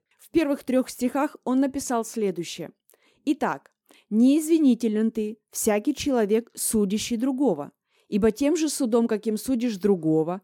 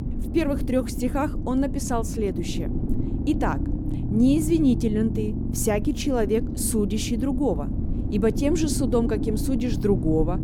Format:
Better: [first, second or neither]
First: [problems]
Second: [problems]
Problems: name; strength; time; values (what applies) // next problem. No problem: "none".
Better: first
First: none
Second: low rumble; loud; throughout; 9 dB below the speech